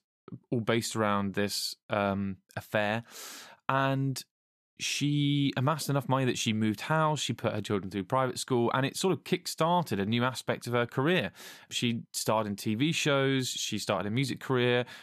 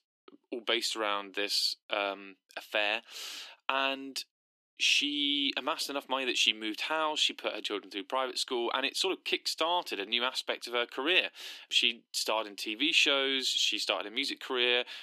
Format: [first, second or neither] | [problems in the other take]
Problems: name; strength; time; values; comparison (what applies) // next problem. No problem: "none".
first | thin; somewhat; fading below 300 Hz